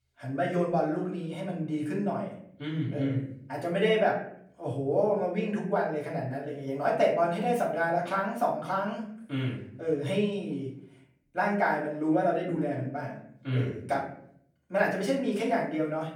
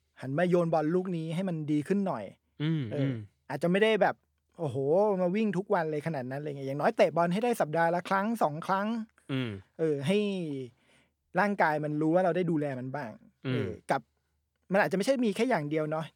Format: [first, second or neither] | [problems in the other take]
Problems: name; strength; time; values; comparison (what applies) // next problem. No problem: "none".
second | off-mic speech; far // room echo; slight; dies away in 0.5 s